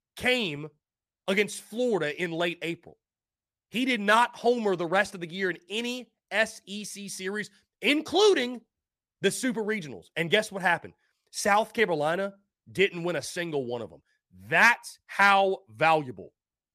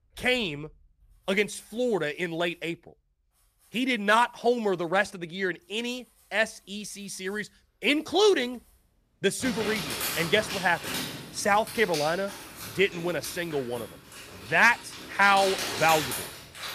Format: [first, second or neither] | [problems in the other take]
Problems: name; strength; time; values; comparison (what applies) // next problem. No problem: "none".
first | household noises; loud; throughout; 8 dB below the speech